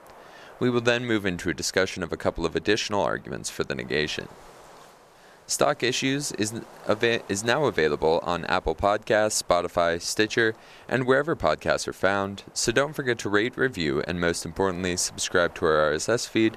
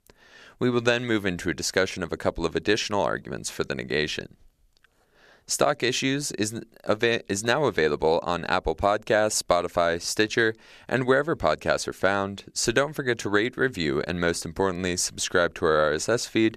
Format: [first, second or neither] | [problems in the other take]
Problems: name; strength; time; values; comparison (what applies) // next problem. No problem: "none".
second | wind noise on the microphone; occasional gusts; 25 dB below the speech